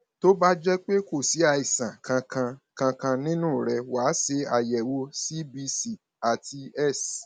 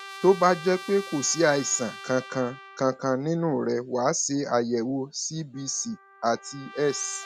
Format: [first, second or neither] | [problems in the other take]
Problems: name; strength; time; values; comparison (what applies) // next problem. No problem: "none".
first | background sound (Trumpet); 17 dB below the speech